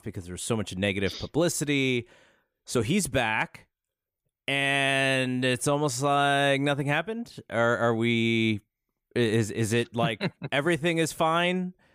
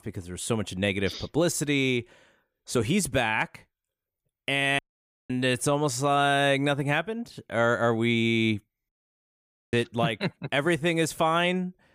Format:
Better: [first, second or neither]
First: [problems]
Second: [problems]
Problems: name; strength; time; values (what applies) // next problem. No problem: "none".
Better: first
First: none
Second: audio cutting out; at 5 s for 0.5 s and at 9 s for 1 s